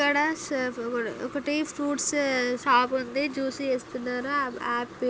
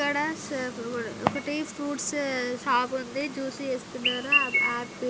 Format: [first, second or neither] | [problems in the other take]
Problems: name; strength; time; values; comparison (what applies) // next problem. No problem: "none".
first | background sound (Chirp, tweet); 2 dB below the speech